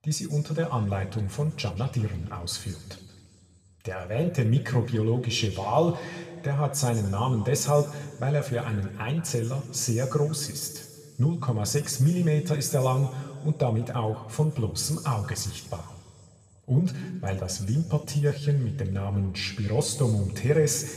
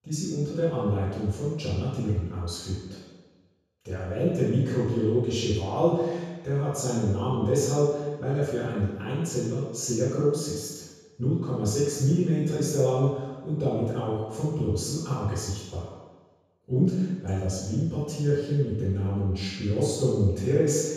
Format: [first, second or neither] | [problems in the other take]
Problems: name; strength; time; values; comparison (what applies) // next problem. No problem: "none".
first | room echo; strong; dies away in 1.2 s; slight in the first // off-mic speech; far; somewhat distant in the first